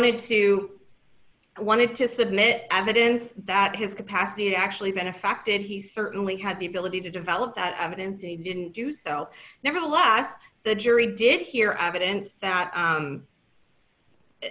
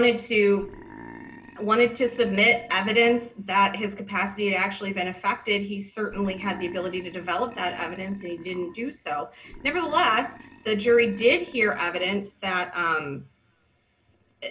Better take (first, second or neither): first